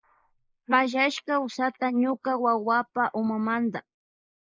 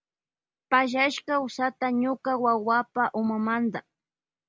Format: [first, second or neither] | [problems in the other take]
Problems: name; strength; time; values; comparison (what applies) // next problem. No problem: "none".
second | noise reduction (neural mask model Resemble Enhance denoiser)